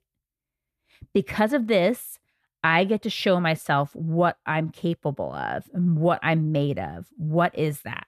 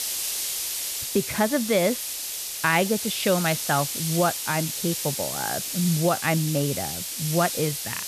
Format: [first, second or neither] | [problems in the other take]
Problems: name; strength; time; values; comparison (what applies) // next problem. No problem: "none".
first | hiss; loud; throughout; 3 dB below the speech